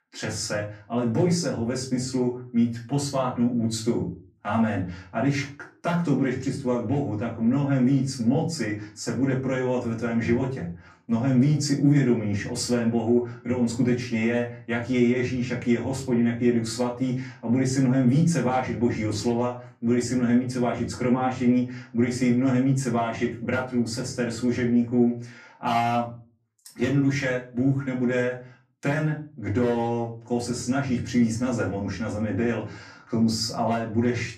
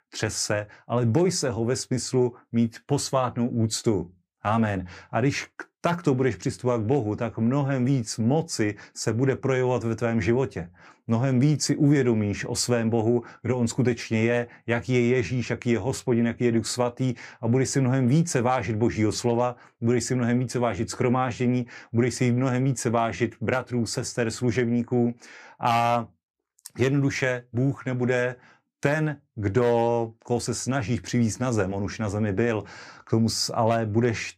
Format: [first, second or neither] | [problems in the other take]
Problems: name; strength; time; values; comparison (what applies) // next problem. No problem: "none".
second | room echo; slight; dies away in 0.3 s // off-mic speech; far